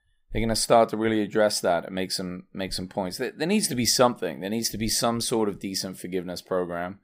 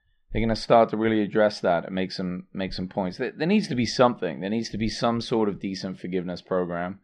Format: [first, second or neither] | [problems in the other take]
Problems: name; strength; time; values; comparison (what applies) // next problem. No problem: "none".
first | muffled; slightly; fading above 4 kHz